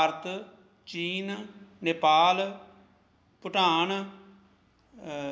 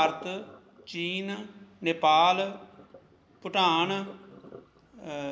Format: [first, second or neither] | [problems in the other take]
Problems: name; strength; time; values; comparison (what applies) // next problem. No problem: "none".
first | background sound (Sink (filling or washing)); 20 dB below the speech